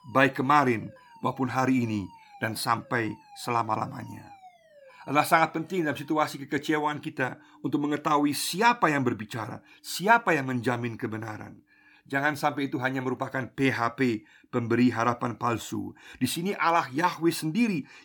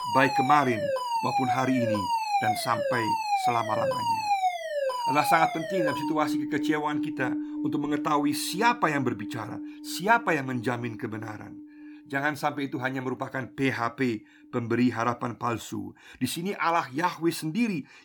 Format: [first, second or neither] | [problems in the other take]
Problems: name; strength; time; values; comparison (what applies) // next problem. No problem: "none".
first | alarms or sirens; loud; throughout; 1 dB below the speech; faint in the first